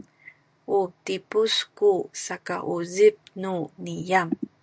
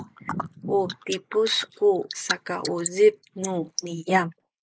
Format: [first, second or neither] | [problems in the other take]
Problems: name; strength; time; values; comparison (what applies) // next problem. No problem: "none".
first | noise reduction (neural mask model Resemble Enhance denoiser)